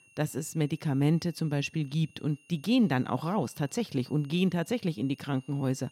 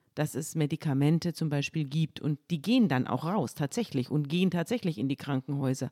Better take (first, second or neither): second